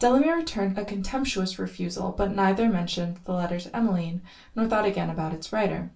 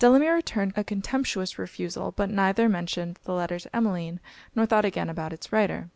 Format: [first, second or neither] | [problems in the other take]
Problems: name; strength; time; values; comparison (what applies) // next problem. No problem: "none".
second | room echo; dies away in 0.2 s